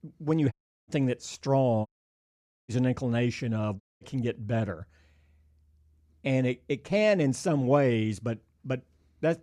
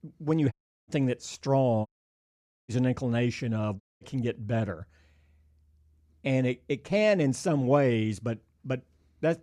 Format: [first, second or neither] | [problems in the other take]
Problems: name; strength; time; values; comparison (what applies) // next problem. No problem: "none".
neither | audio cutting out; at 0.5 s, at 2 s for 1 s and at 4 s; the same in both